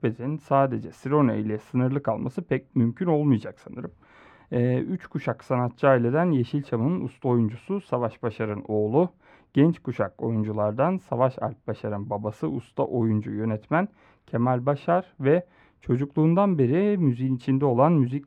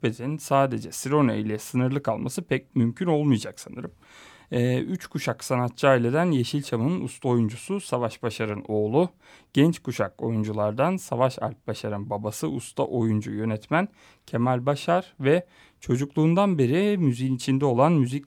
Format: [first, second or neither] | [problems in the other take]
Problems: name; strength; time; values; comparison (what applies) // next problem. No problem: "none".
second | muffled; very; fading above 3.5 kHz